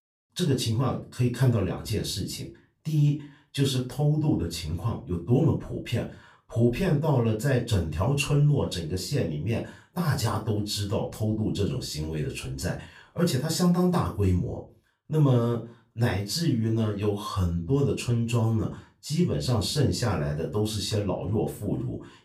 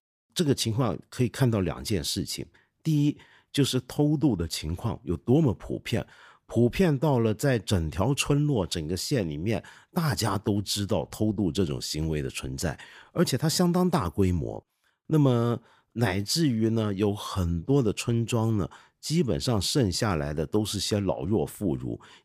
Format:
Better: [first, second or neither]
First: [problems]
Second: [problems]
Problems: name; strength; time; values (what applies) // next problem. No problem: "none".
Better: second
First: off-mic speech; far // room echo; very slight; dies away in 0.2 s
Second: none